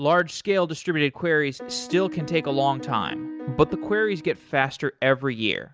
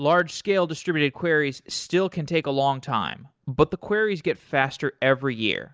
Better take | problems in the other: second | background sound (Piano); 11 dB below the speech

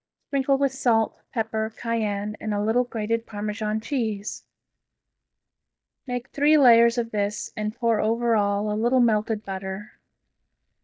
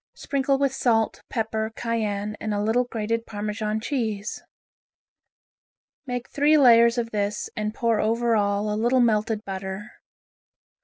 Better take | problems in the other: second | noise reduction (neural mask model DeepFilterNet 3)

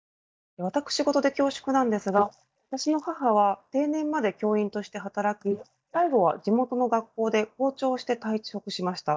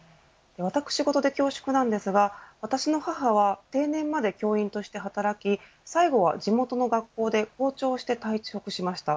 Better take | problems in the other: second | noise reduction (neural mask model DeepFilterNet 3)

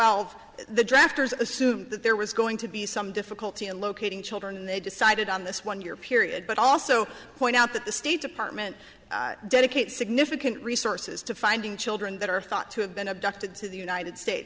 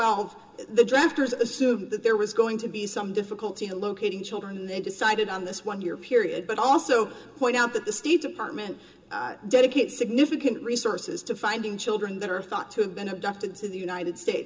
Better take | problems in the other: first | room echo; dies away in 0.2 s

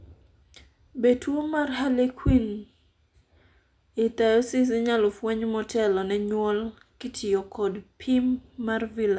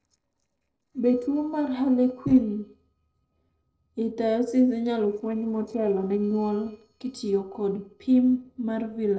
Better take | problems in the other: first | noise reduction (neural separator model SepFormer DNS4)

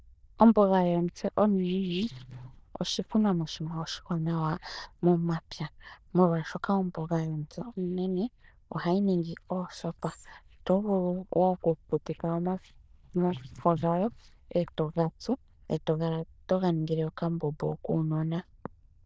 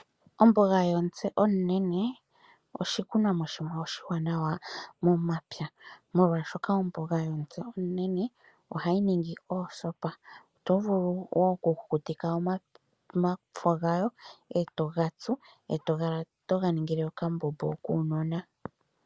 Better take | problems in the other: second | noise reduction (neural diffusion model UNIVERSE++)

